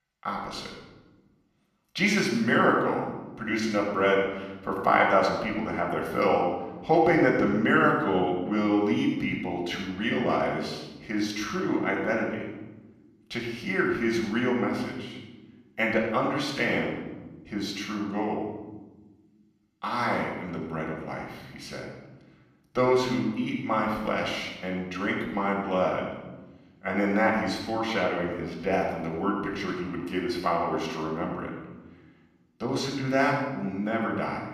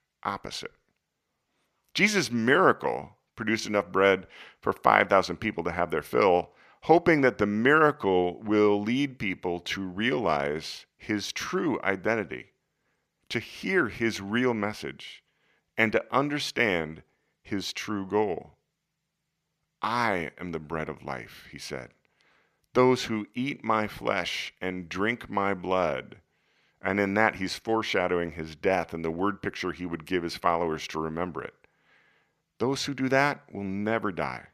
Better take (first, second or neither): second